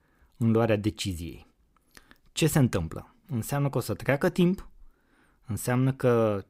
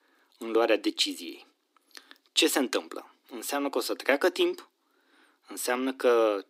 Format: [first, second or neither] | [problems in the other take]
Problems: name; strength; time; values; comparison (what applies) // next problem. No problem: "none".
first | thin; somewhat; fading below 250 Hz